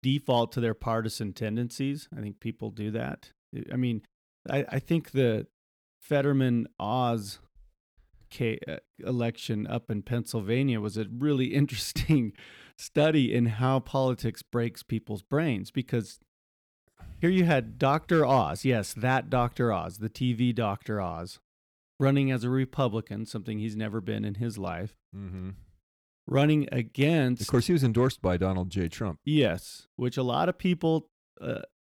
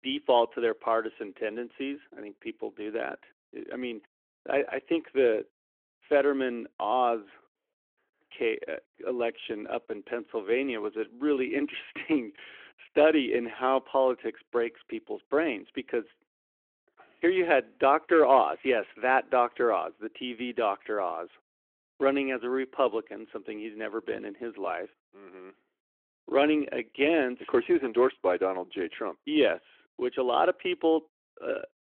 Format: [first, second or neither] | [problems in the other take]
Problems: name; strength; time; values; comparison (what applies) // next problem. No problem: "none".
first | phone-call audio